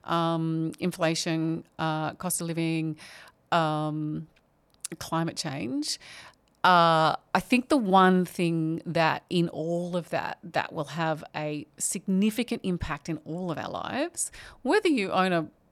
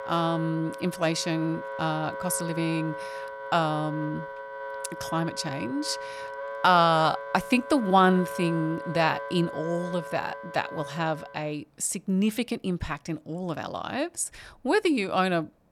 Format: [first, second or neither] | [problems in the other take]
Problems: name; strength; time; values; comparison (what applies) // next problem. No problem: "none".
first | background music; loud; until 11 s; 10 dB below the speech